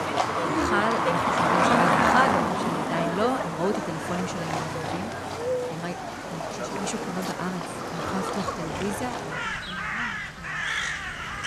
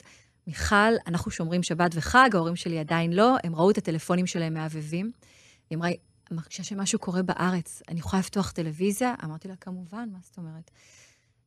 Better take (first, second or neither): second